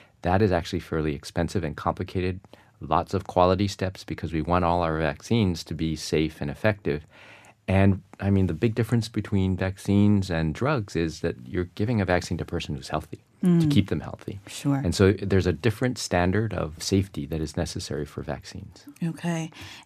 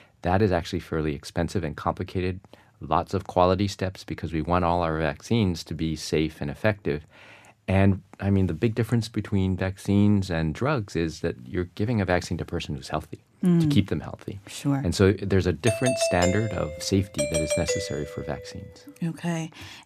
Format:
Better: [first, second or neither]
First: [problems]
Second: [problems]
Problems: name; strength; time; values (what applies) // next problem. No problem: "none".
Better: first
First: none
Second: doorbell; loud; from 16 to 18 s; peak level with the speech